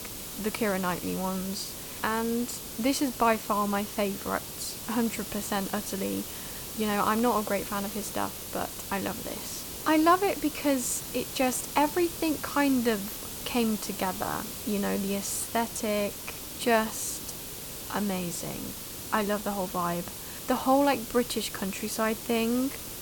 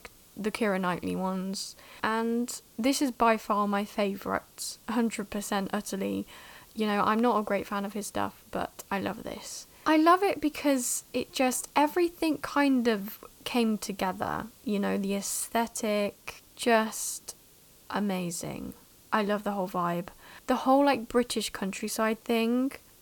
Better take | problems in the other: second | hiss; loud; throughout; 7 dB below the speech; faint in the second

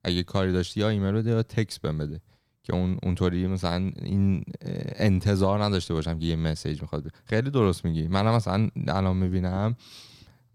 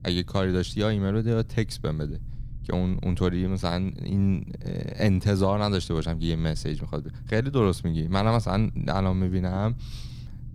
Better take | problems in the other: first | low rumble; faint; throughout; 25 dB below the speech

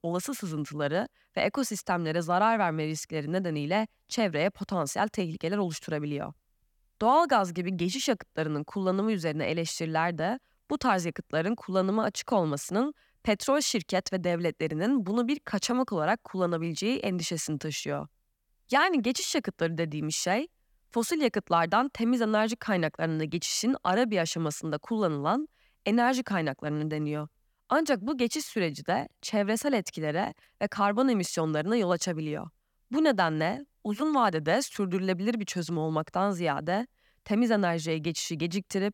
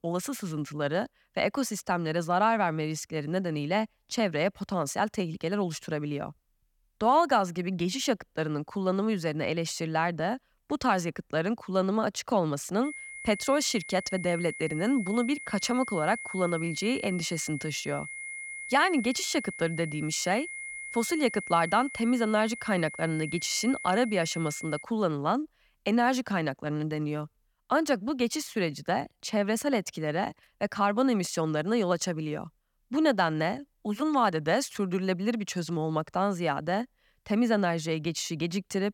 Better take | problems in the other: first | high-pitched whine; loud; from 13 to 25 s; 2 kHz, 9 dB below the speech

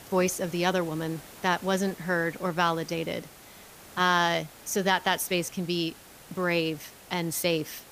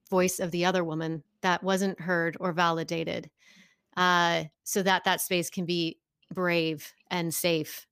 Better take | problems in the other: second | hiss; noticeable; throughout; 20 dB below the speech

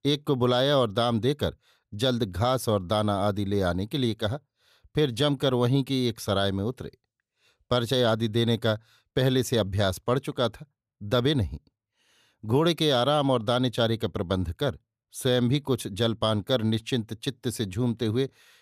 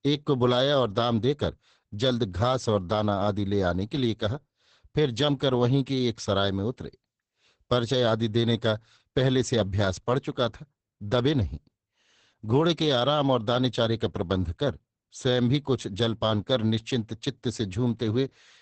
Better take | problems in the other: first | garbled, watery; badly; nothing above 8 kHz

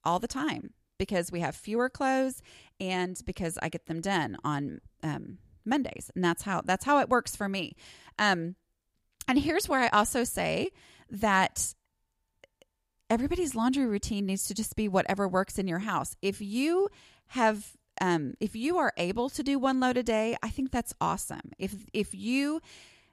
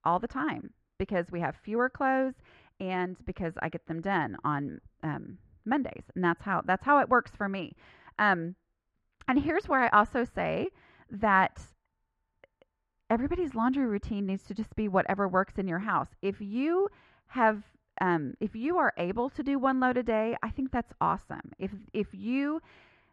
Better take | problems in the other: first | muffled; very; fading above 1.5 kHz

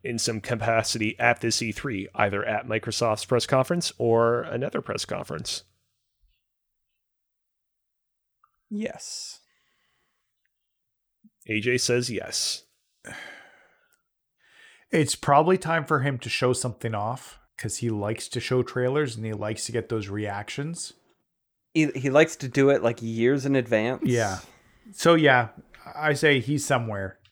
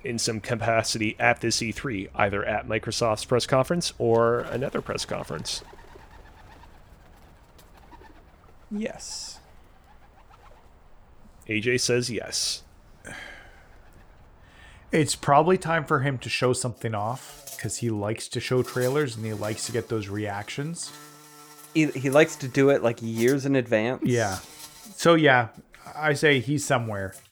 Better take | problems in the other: first | animal sounds; faint; throughout; 25 dB below the speech

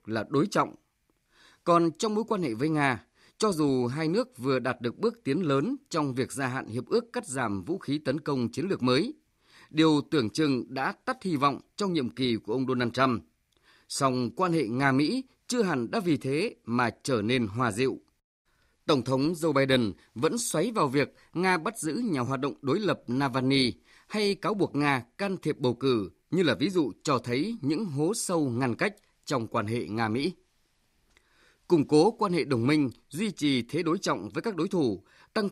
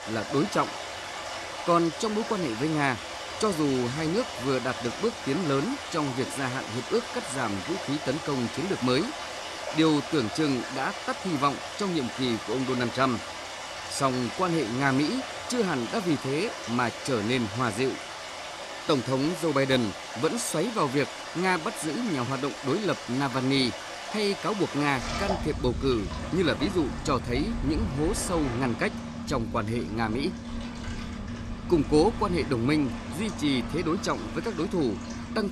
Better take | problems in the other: first | rain or running water; loud; throughout; 7 dB below the speech

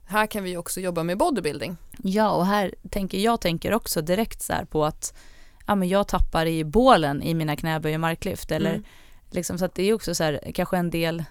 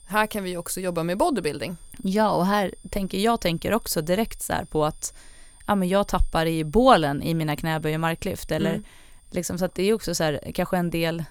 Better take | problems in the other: first | high-pitched whine; faint; throughout; 9 kHz, 30 dB below the speech

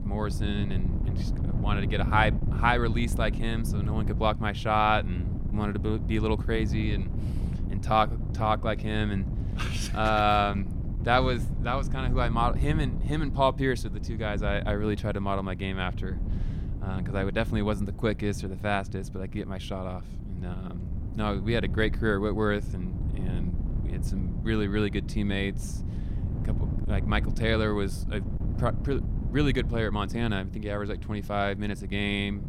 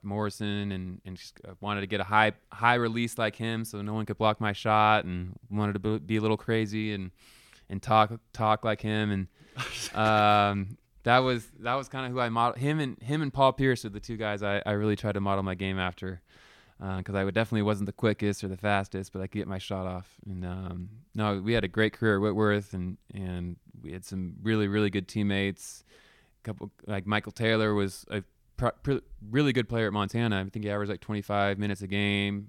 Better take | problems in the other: second | wind noise on the microphone; occasional gusts; 15 dB below the speech

